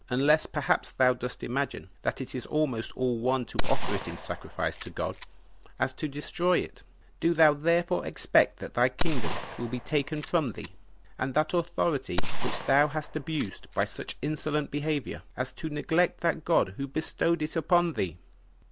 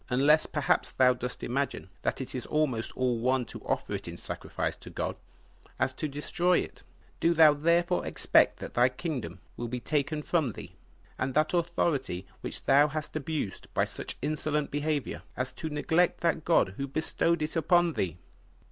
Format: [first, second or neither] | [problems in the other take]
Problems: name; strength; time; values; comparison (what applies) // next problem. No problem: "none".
second | background sound (Gunshot, gunfire); 1 dB above the speech